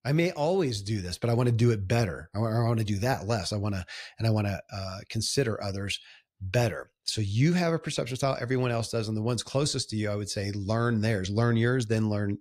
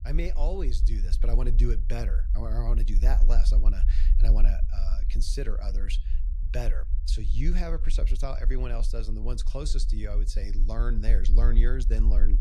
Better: first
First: none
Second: low rumble; noticeable; throughout; 10 dB below the speech

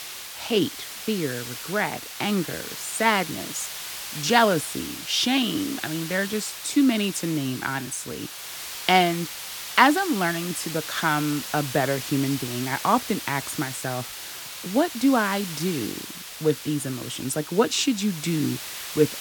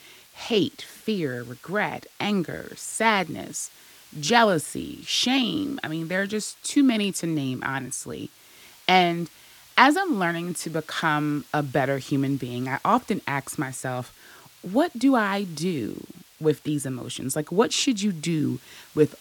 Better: second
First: hiss; loud; throughout; 9 dB below the speech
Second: hiss; faint; throughout; 25 dB below the speech

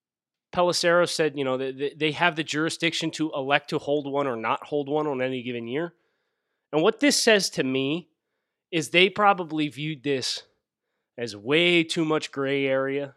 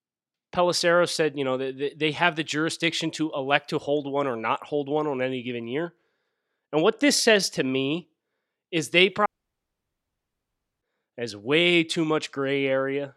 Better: first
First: none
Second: audio cutting out; at 9.5 s for 1.5 s

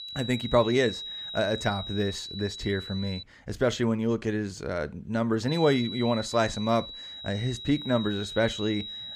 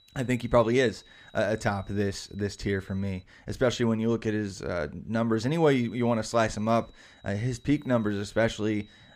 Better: second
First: high-pitched whine; loud; until 3 s and from 5.5 s on; 4 kHz, 8 dB below the speech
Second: high-pitched whine; faint; until 3 s and from 5.5 s on; 4 kHz, 30 dB below the speech

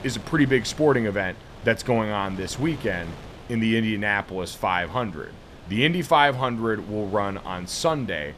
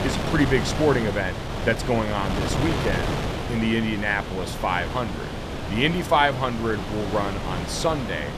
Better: first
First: wind noise on the microphone; occasional gusts; 20 dB below the speech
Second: wind noise on the microphone; heavy; 6 dB below the speech

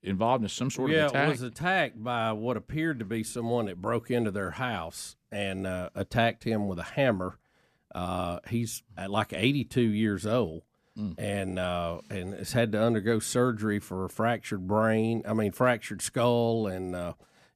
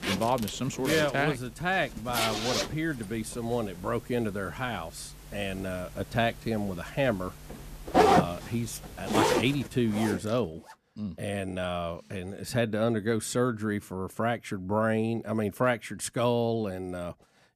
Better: first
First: none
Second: household noises; very loud; until 10 s; 2 dB above the speech

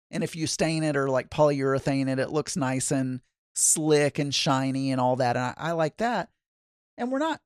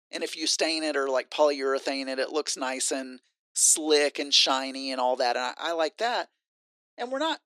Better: first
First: none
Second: thin; somewhat; fading below 300 Hz

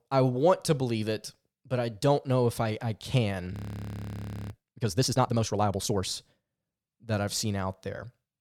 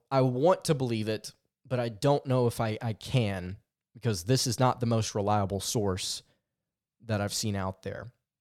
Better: second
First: audio freezing; at 3.5 s for 1 s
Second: none

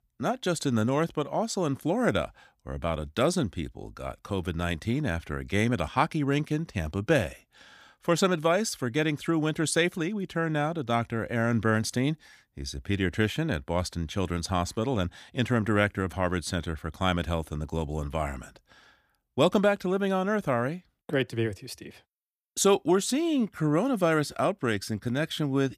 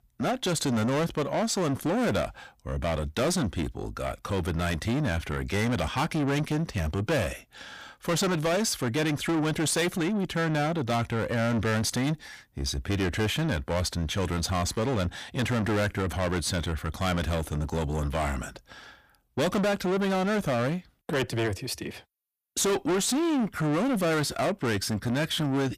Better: first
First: none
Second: distortion; heavy; 6 dB below the speech

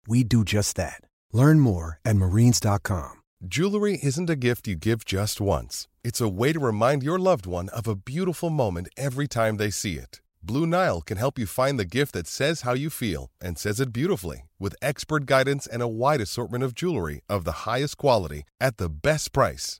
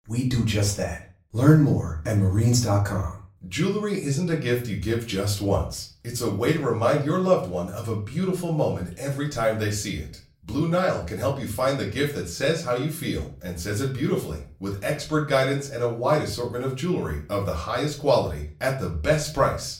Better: first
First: none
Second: room echo; slight; dies away in 0.3 s // off-mic speech; far

